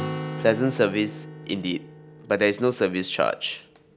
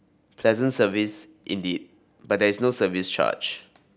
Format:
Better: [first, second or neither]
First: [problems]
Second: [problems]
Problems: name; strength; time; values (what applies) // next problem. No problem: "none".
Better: second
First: background sound (Acoustic guitar); 11 dB below the speech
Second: none